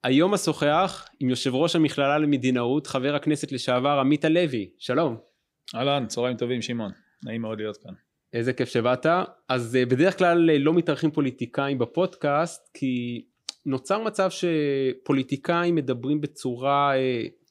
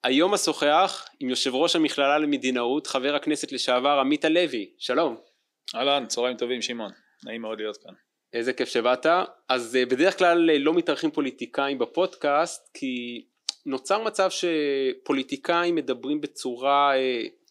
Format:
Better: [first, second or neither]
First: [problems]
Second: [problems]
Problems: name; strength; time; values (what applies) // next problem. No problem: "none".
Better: first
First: none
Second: thin; very slightly; fading below 300 Hz